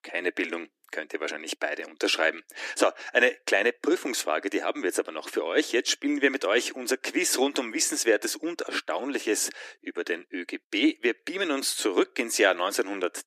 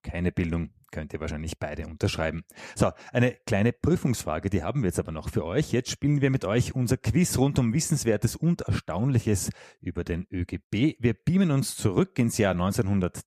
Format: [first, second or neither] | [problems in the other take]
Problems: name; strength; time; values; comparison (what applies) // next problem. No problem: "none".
second | thin; very; fading below 300 Hz